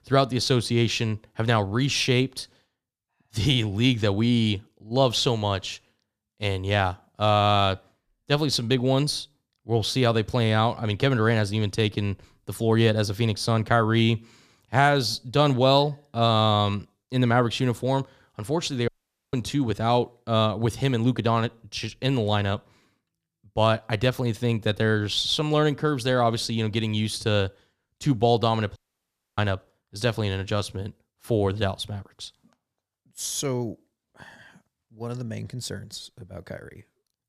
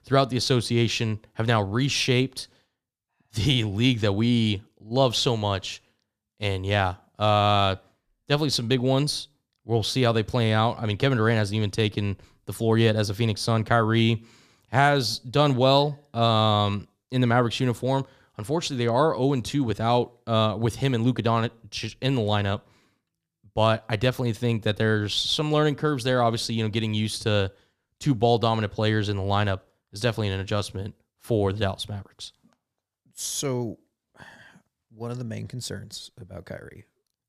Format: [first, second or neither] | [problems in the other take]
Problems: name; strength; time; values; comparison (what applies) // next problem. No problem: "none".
second | audio cutting out; at 19 s and at 29 s for 0.5 s